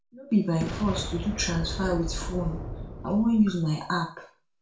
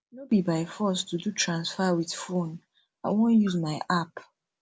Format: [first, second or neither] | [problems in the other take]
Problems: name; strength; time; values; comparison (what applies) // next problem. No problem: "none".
second | background sound (Boom); 8 dB below the speech // room echo; dies away in 0.3 s